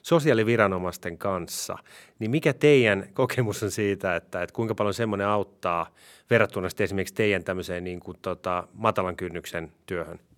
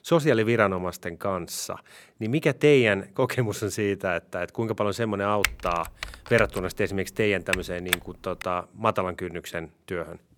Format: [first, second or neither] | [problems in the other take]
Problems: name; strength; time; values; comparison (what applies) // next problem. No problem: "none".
first | keyboard typing; noticeable; from 5.5 to 8.5 s; peak 2 dB below the speech